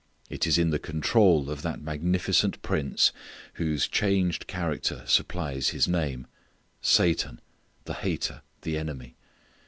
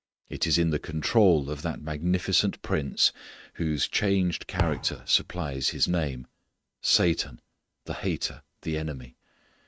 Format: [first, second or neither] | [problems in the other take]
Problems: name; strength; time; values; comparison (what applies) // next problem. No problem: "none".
first | noise reduction (neural mask model RNNoise)